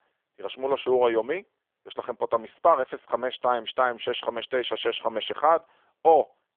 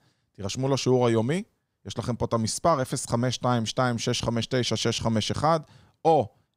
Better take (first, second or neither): second